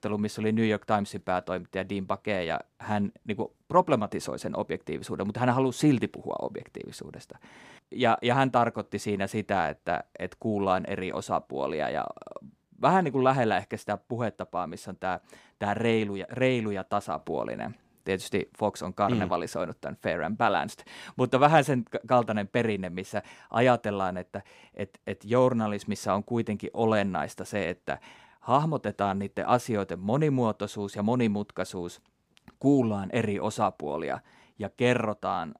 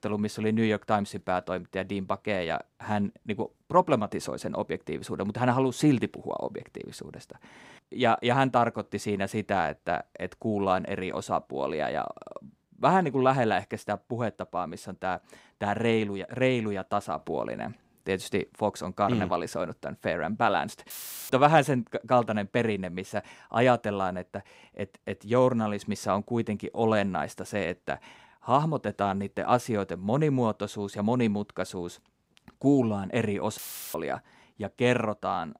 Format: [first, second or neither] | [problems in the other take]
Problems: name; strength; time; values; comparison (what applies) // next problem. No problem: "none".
first | audio cutting out; filled with static; at 21 s and at 34 s